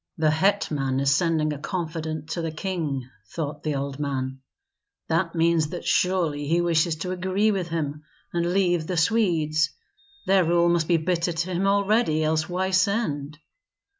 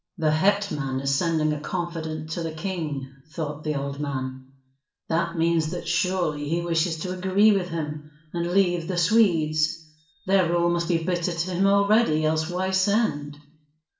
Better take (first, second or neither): first